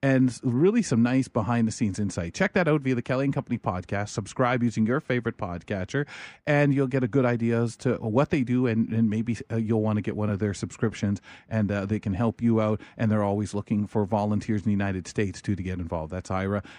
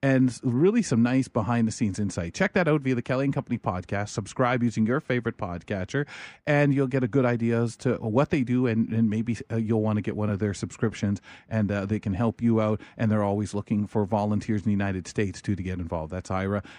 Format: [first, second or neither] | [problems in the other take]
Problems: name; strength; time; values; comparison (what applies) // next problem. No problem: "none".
neither | none